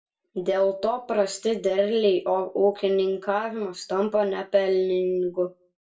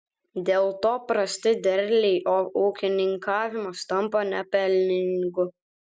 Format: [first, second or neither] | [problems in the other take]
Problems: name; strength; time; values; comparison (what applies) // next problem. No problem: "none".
second | room echo; dies away in 0.2 s